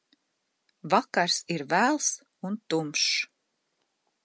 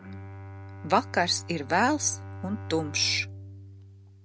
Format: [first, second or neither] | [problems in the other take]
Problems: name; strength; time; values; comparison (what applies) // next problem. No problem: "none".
first | background sound (Bowed string instrument); 11 dB below the speech